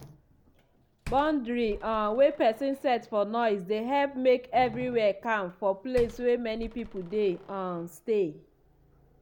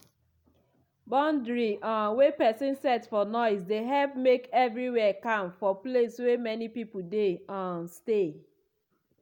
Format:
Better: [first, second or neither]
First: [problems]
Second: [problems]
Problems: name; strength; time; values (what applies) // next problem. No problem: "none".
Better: second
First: background sound (Slam); 19 dB below the speech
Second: none